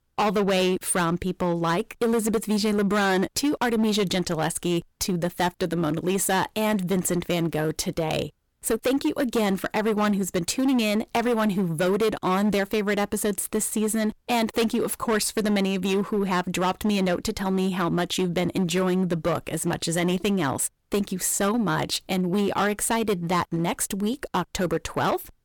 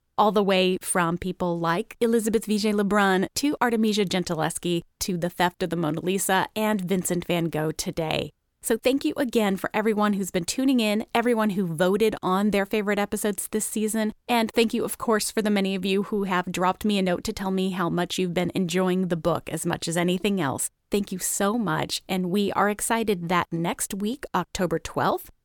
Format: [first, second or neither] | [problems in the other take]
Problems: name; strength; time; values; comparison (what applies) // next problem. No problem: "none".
second | distortion; slight; 12% of the sound clipped